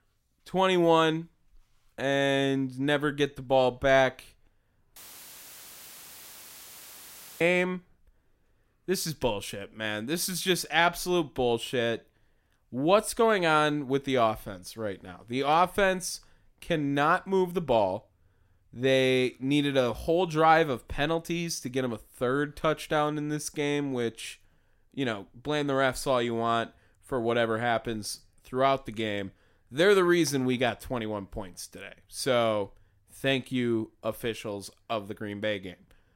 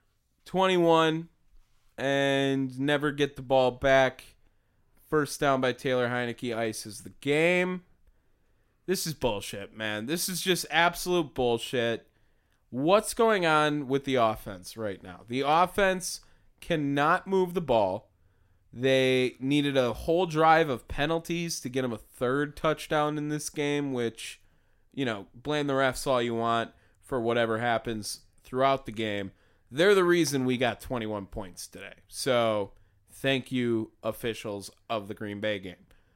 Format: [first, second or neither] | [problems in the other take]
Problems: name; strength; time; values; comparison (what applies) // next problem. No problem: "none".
second | audio cutting out; filled with static; at 5 s for 2.5 s